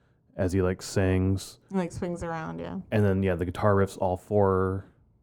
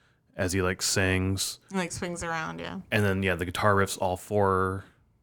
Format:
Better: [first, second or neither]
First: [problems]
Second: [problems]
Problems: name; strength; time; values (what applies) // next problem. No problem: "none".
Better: second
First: muffled; slightly; fading above 1 kHz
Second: none